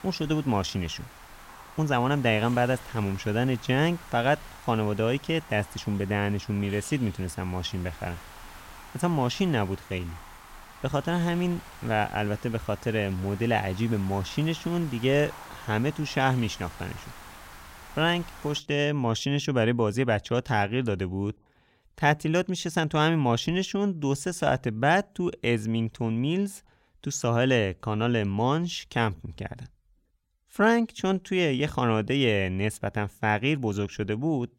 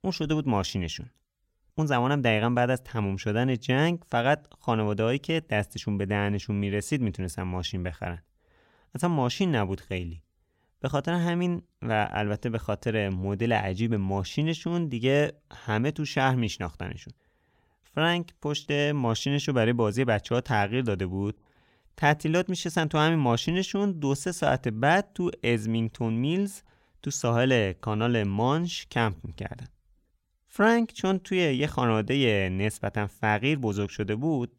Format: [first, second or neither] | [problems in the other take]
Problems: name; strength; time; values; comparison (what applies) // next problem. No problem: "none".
second | hiss; noticeable; until 19 s; 20 dB below the speech